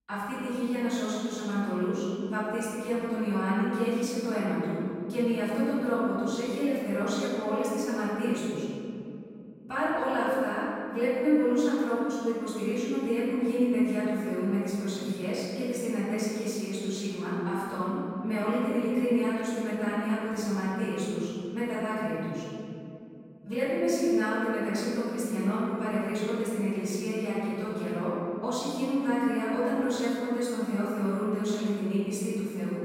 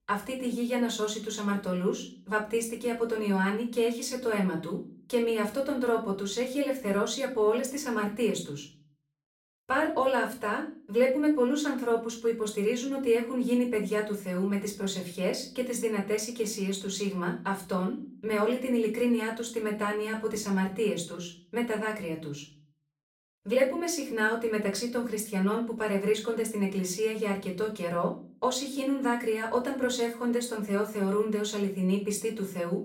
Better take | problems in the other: second | room echo; strong; dies away in 3 s; slight in the second // off-mic speech; far; far in the second

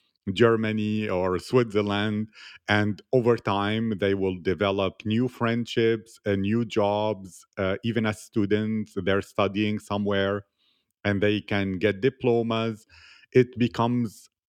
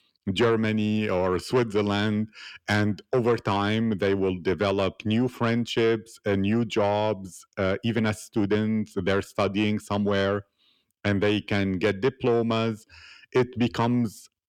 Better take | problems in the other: first | distortion; slight; 10 dB below the speech

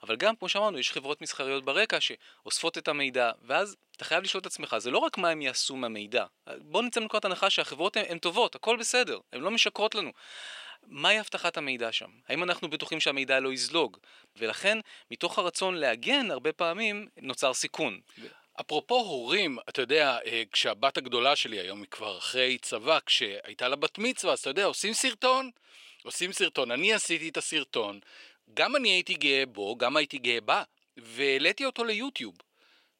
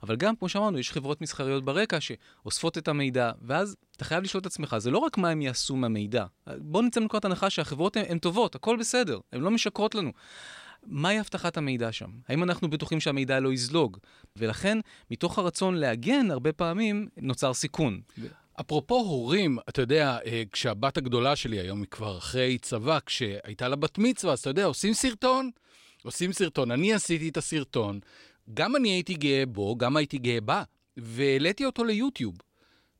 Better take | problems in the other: second | thin; somewhat; fading below 400 Hz

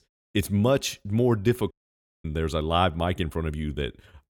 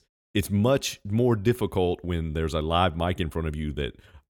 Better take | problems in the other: second | audio cutting out; at 1.5 s for 0.5 s

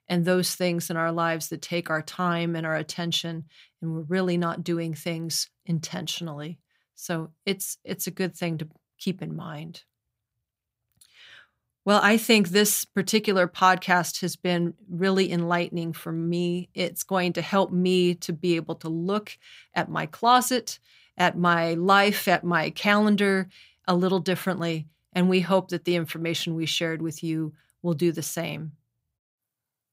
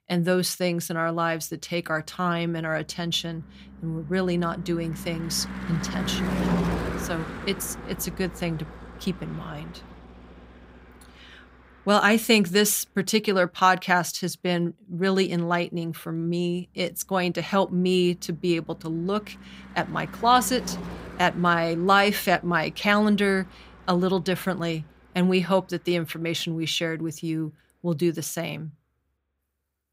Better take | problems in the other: first | traffic noise; loud; throughout; 10 dB below the speech

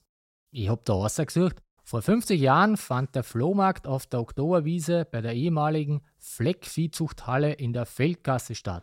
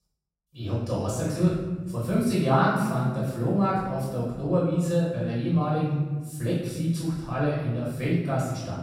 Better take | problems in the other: first | off-mic speech; far // room echo; noticeable; dies away in 1.2 s

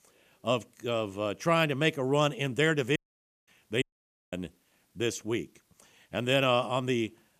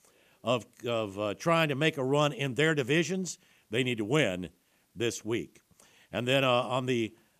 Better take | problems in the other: second | audio cutting out; at 3 s for 0.5 s and at 4 s for 0.5 s

